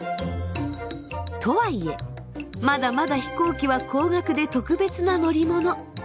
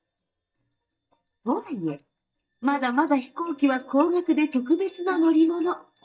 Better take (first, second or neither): first